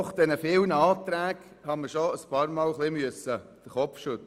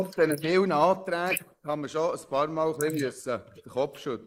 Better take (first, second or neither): first